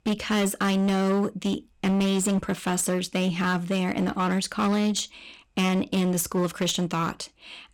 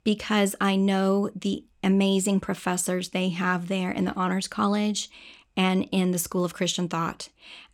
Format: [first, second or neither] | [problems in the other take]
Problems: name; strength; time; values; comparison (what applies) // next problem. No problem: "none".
second | distortion; slight; 15% of the sound clipped